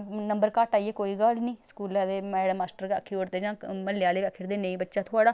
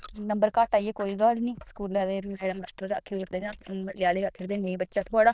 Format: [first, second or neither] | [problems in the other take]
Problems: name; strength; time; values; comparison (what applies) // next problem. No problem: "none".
first | noise reduction (neural diffusion model UNIVERSE++)